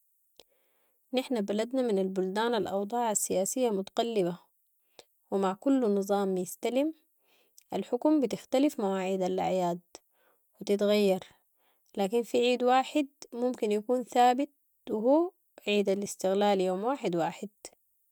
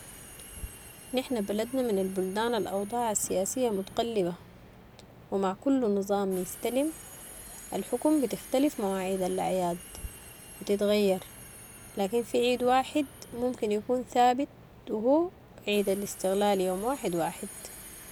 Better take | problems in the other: first | background sound (Subway, metro, underground); 17 dB below the speech

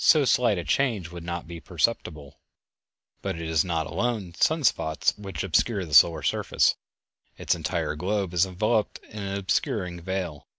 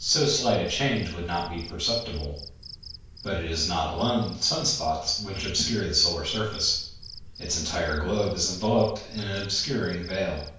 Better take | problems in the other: first | background sound (Cricket); 15 dB below the speech // room echo; dies away in 0.5 s

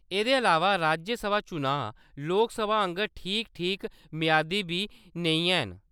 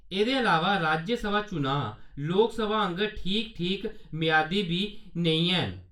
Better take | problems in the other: first | room echo; dies away in 0.3 s

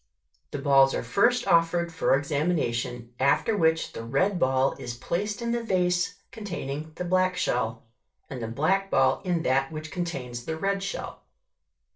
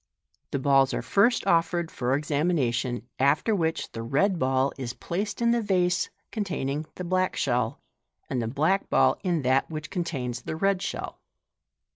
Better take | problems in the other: second | room echo; dies away in 0.3 s

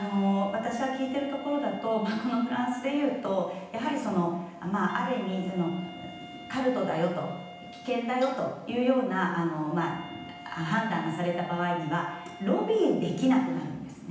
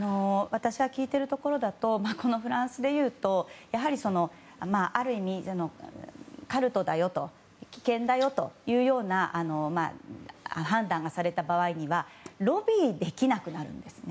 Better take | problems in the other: second | background sound (Wind instrument, woodwind instrument); 18 dB below the speech // room echo; dies away in 0.9 s

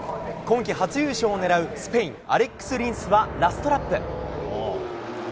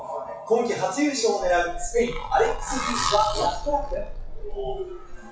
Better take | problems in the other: first | noise reduction (classical method WPE with log-MMSE)

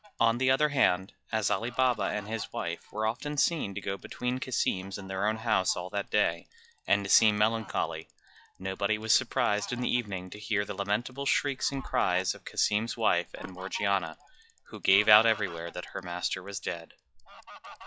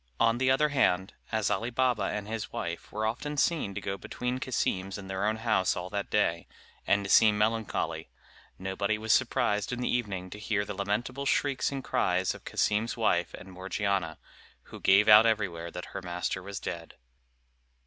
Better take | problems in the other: second | noise reduction (classical method log-MMSE)

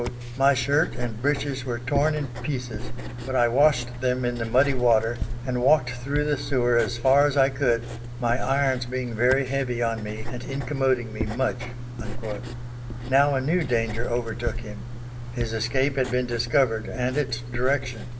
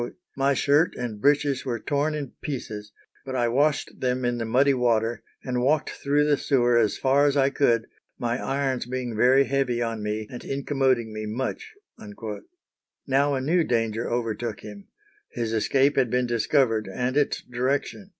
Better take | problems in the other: second | background sound (Writing); 6 dB below the speech // room echo; dies away in 0.5 s

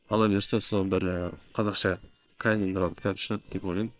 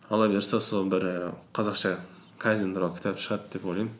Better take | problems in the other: second | noise reduction (neural separator model SepFormer WHAM!)

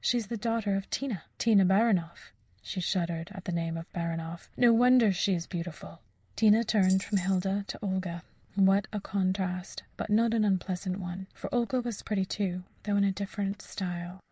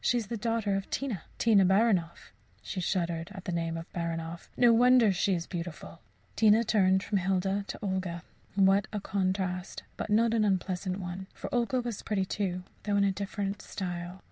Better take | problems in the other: second | noise reduction (neural mask model Resemble Enhance denoiser)

